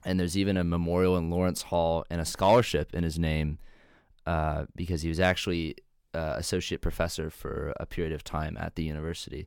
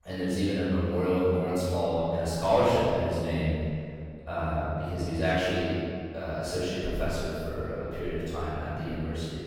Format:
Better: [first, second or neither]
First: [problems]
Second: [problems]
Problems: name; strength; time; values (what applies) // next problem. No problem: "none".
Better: first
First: none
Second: off-mic speech; far // room echo; strong; dies away in 2.1 s